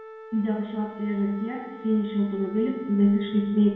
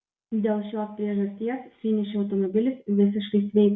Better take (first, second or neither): second